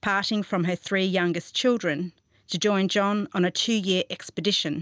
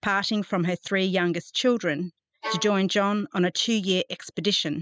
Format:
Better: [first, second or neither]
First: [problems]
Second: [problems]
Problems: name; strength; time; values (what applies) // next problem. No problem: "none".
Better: first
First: none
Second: noise reduction (classical method spectral subtraction)